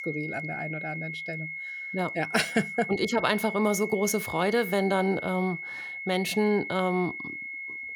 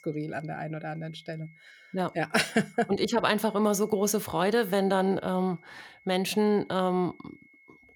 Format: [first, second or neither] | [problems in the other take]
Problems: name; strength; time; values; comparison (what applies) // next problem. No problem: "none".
second | high-pitched whine; loud; throughout; 2 kHz, 7 dB below the speech; faint in the second